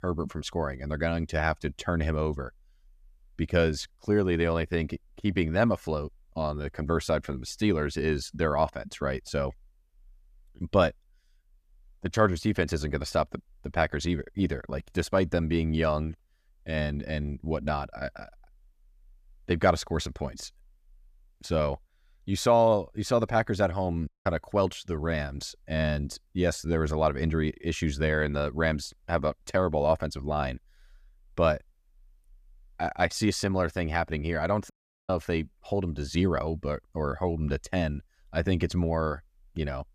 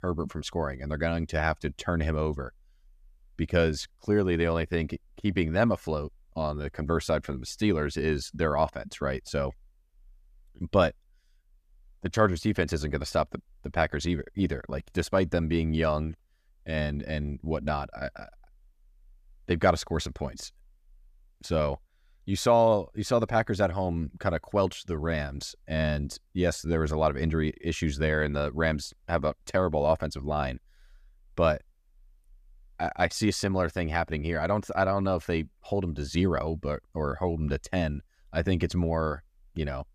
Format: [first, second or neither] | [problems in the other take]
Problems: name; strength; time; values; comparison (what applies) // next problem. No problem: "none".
second | audio cutting out; at 24 s and at 35 s